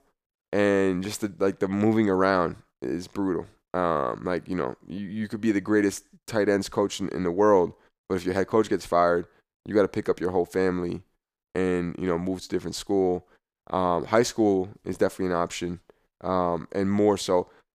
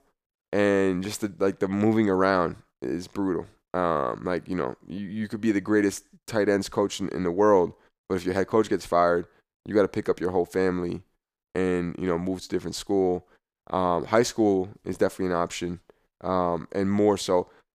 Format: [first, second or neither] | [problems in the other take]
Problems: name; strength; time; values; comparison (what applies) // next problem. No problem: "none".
neither | none